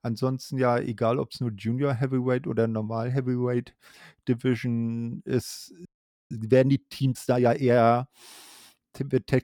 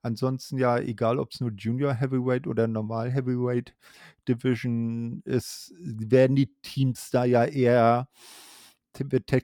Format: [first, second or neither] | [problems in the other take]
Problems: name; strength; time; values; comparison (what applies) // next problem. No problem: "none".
second | audio freezing; at 6 s